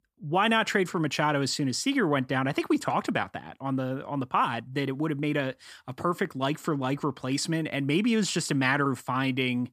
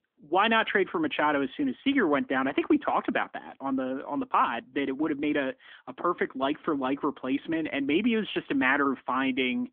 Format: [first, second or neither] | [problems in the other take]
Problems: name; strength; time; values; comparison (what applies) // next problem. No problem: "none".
first | phone-call audio; nothing above 3.5 kHz